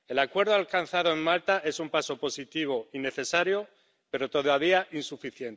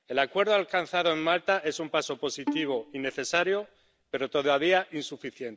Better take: first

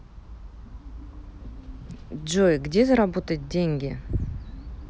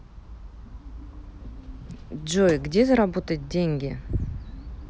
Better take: first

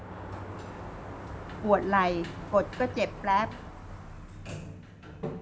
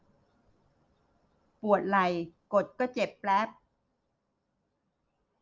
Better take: second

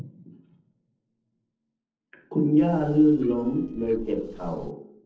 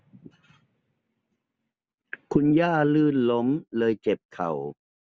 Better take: second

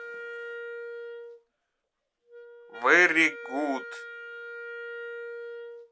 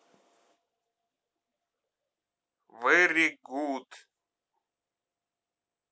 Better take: second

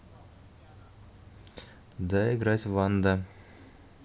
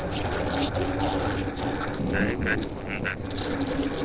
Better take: first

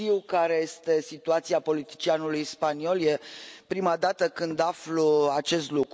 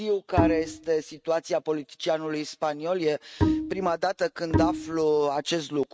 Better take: first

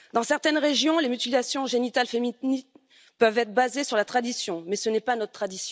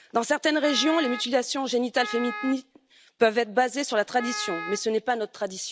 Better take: first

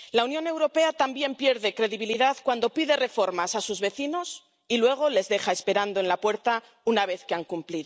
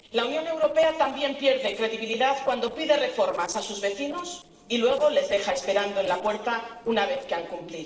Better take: first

